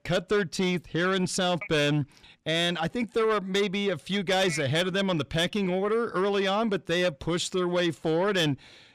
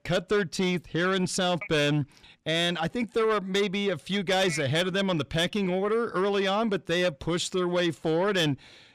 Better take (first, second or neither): neither